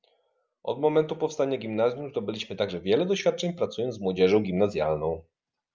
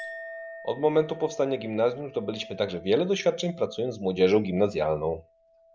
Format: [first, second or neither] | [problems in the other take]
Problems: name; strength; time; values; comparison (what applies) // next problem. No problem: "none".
first | background sound (Chink, clink); 18 dB below the speech